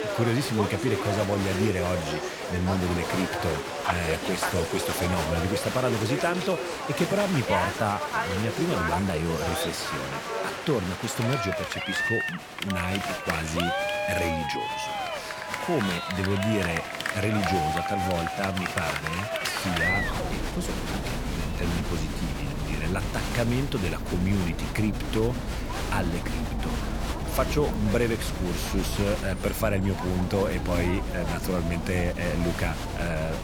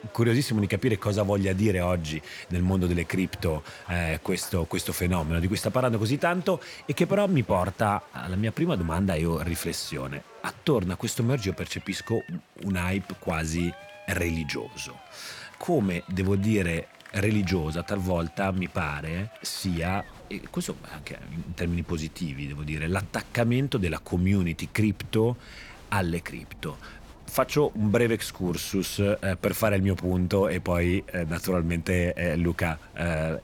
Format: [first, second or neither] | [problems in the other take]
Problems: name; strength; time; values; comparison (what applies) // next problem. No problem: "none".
second | crowd noise; loud; throughout; 1 dB below the speech; faint in the second